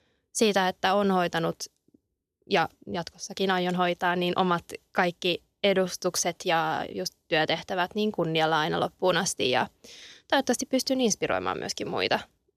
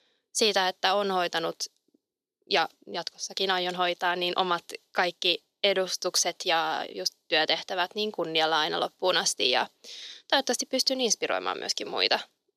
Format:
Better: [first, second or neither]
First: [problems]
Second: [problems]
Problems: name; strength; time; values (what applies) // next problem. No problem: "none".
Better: first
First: none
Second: thin; somewhat; fading below 300 Hz